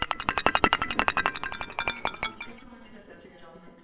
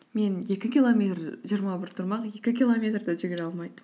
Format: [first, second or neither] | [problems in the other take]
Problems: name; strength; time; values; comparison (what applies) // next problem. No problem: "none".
second | noise reduction (neural separator model SepFormer WHAMR!)